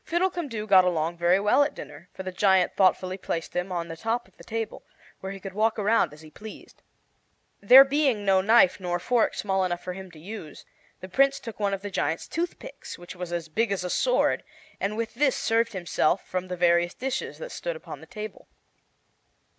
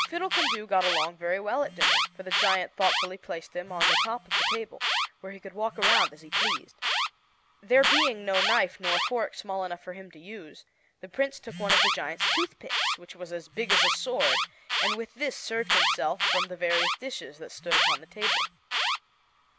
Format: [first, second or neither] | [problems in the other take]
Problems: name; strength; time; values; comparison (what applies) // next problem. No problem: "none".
first | background sound (Alarm); 3 dB above the speech